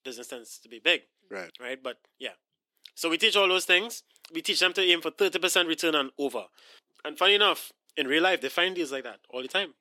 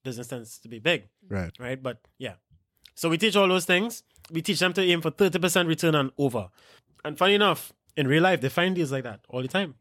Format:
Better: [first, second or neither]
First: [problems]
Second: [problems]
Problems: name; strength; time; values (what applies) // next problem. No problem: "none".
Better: second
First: thin; somewhat; fading below 300 Hz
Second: none